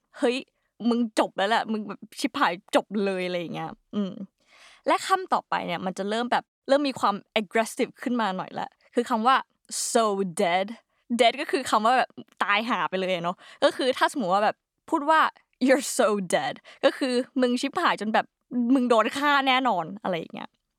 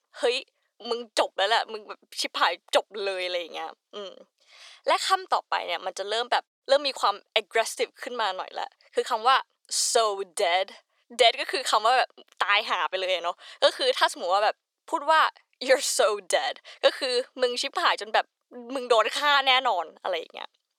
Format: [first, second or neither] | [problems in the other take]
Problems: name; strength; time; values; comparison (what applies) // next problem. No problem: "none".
first | thin; very; fading below 450 Hz